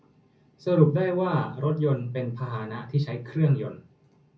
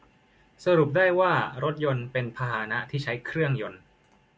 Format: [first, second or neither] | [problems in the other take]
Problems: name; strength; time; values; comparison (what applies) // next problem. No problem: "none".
second | room echo; dies away in 0.4 s